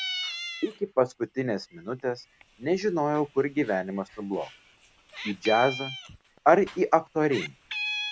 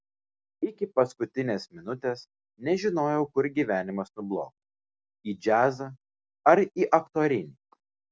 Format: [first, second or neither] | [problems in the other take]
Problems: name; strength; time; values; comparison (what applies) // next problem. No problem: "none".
second | background sound (Meow); 11 dB below the speech